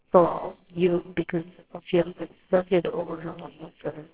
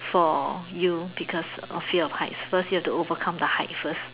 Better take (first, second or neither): second